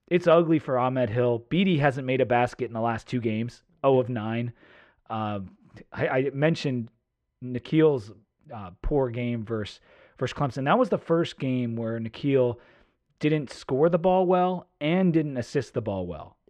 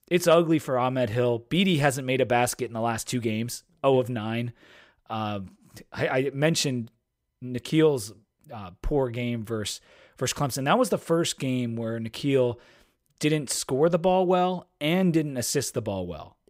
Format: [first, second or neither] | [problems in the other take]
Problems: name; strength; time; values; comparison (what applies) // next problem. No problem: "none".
second | muffled; slightly; fading above 2.5 kHz